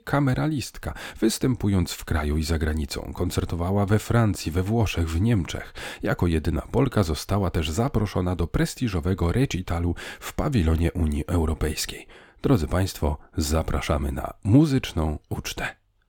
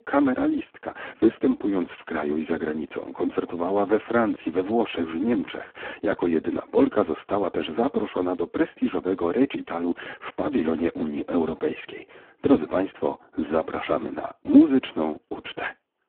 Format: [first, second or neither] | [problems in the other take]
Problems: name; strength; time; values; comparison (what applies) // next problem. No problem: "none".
first | phone-call audio; poor line